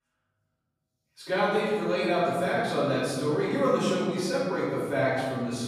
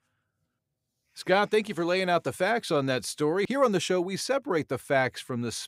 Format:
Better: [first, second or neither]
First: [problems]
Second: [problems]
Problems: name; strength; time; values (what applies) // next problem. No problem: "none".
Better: second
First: off-mic speech; far // room echo; strong; dies away in 1.8 s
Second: none